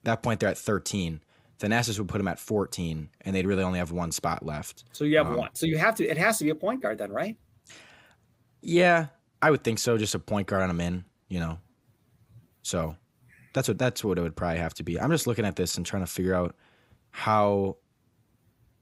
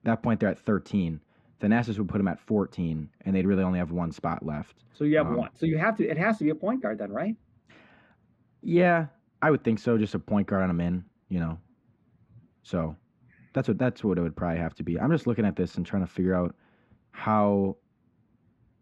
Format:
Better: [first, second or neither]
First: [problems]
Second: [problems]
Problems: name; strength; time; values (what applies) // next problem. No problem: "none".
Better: first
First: none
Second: muffled; very; fading above 2 kHz